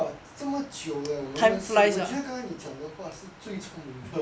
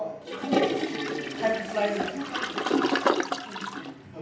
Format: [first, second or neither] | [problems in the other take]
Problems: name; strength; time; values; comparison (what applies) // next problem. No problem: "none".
first | background sound (Toilet flush); 5 dB above the speech // room echo; dies away in 0.8 s